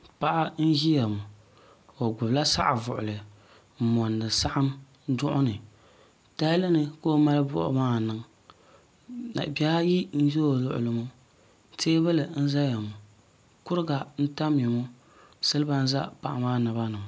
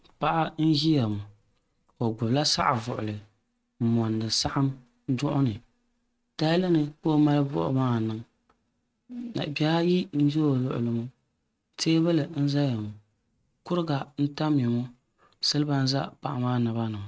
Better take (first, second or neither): first